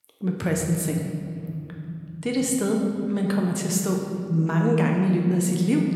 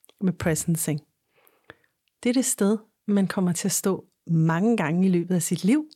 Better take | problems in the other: second | room echo; noticeable; dies away in 3 s // off-mic speech; somewhat distant

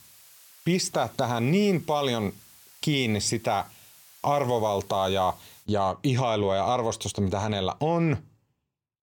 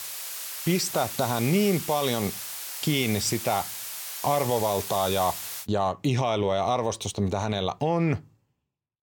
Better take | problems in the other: first | hiss; loud; until 5.5 s; 6 dB below the speech; faint in the first

